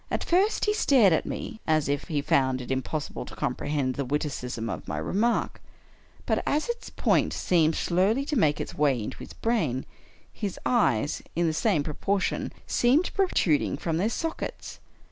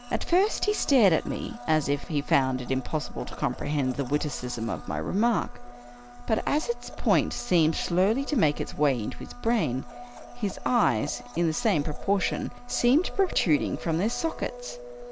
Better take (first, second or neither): first